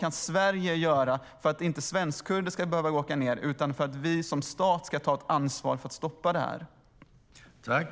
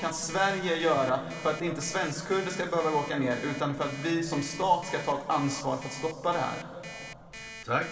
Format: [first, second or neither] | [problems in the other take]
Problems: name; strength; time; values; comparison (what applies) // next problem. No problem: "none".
first | background sound (Alarm); 16 dB below the speech // room echo; dies away in 2.5 s